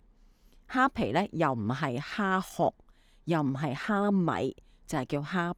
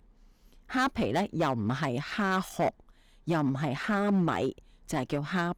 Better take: first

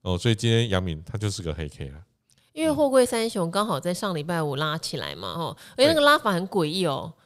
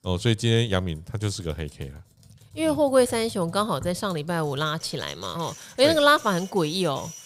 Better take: first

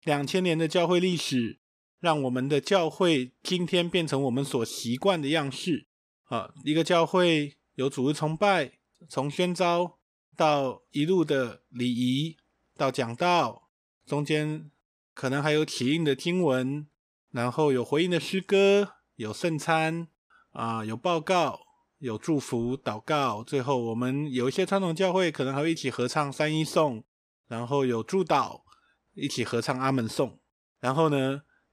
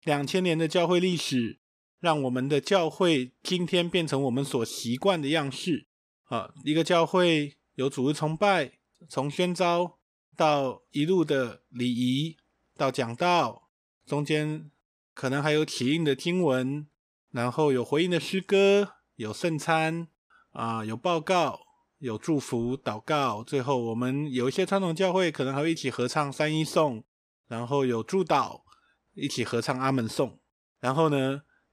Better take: neither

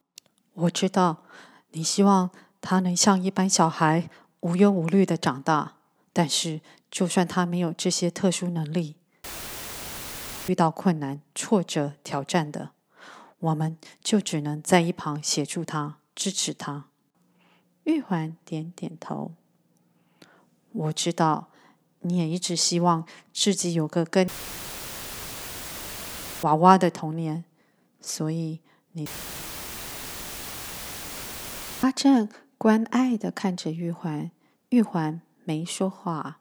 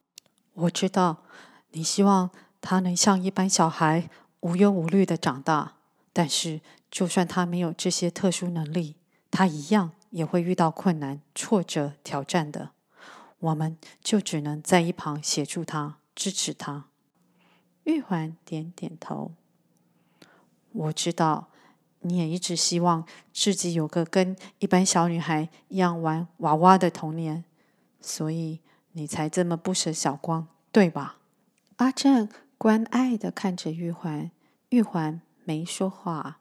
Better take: second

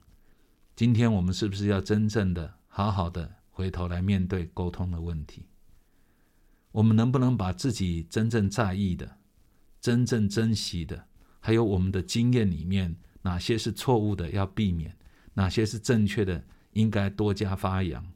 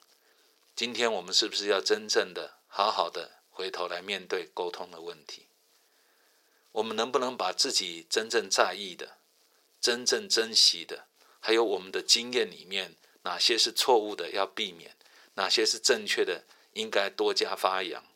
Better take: first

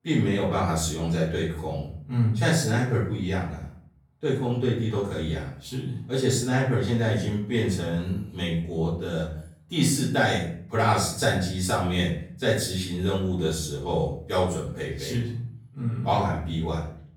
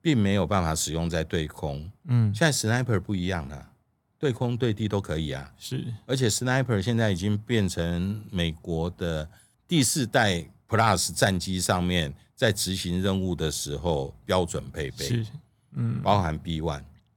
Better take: second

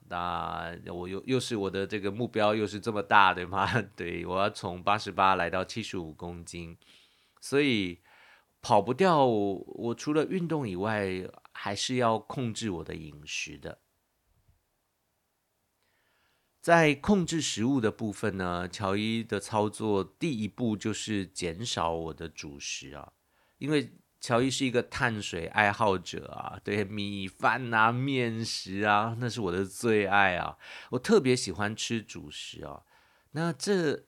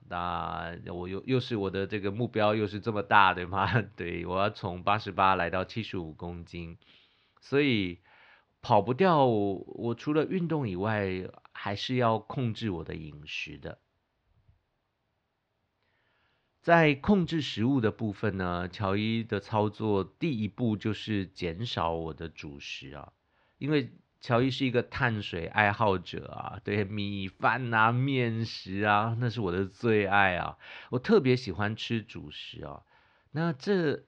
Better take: first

